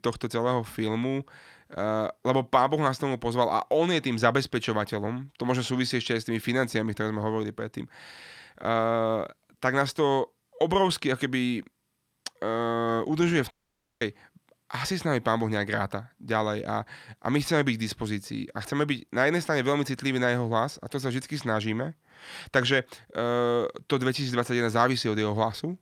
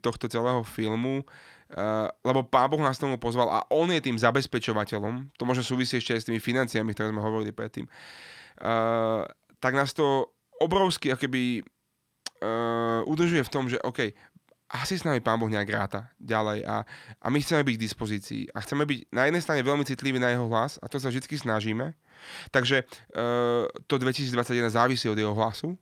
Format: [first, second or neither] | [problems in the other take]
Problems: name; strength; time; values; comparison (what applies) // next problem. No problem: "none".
second | audio cutting out; at 14 s for 0.5 s